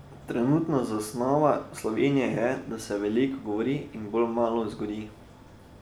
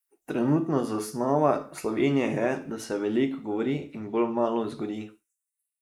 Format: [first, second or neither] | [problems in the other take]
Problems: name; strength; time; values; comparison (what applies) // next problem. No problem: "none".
first | noise reduction (neural mask model Resemble Enhance denoiser)